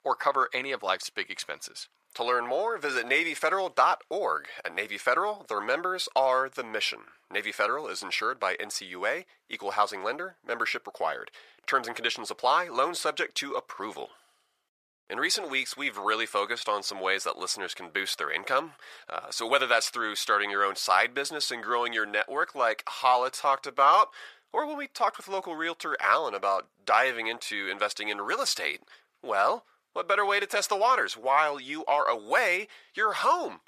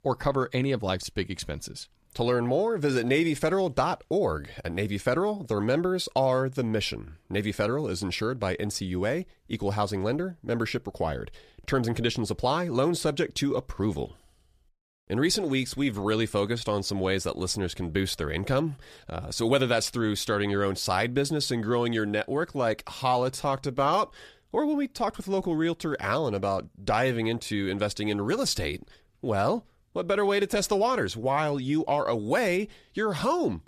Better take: second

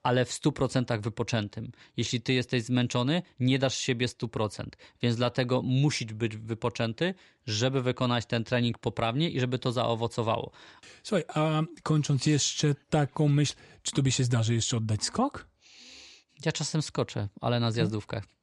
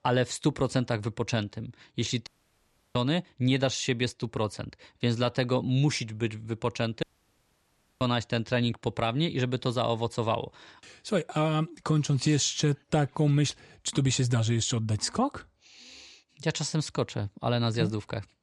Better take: first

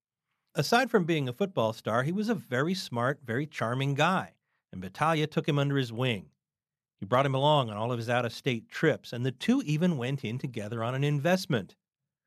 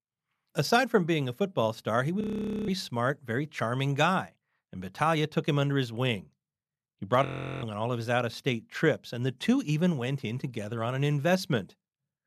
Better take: first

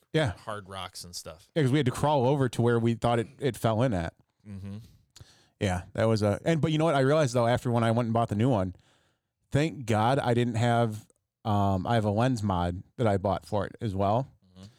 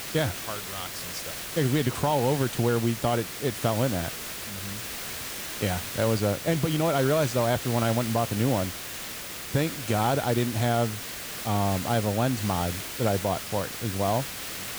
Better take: first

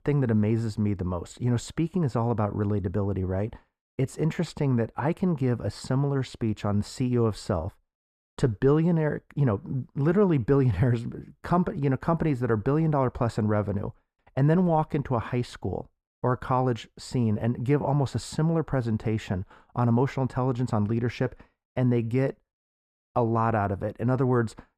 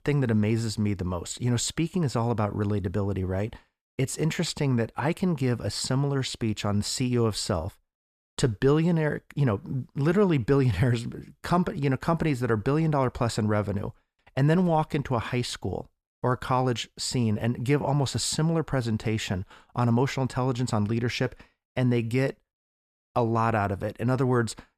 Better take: second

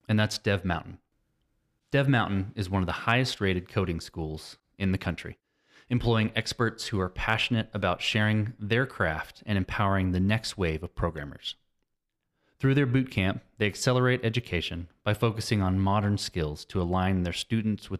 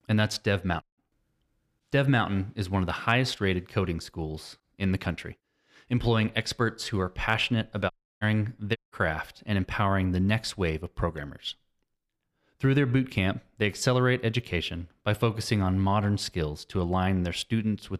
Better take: first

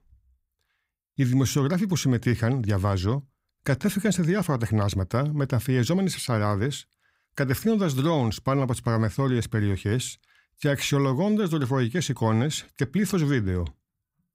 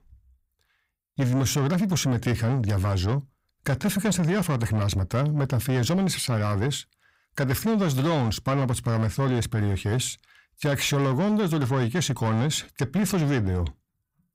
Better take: first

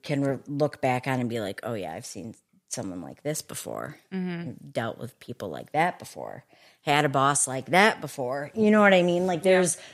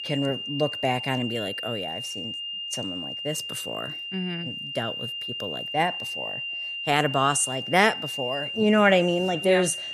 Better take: first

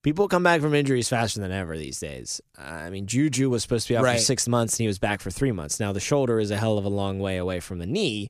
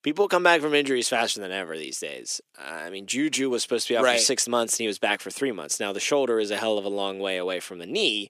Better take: first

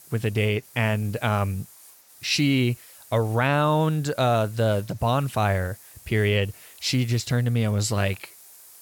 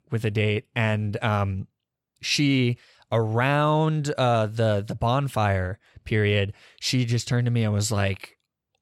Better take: second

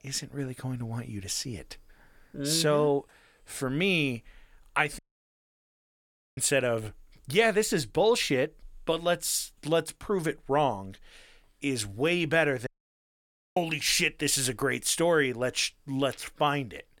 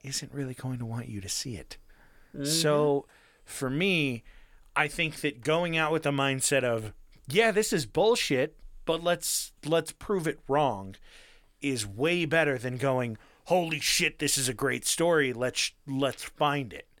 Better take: second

